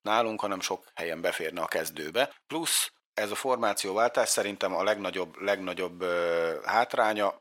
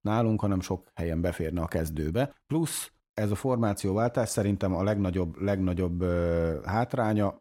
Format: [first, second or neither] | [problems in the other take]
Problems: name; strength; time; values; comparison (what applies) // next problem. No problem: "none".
second | thin; very; fading below 600 Hz